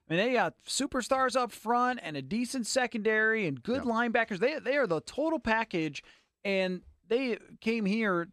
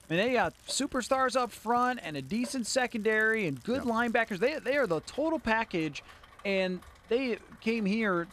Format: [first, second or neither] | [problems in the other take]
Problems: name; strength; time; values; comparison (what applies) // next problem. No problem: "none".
first | rain or running water; faint; throughout; 25 dB below the speech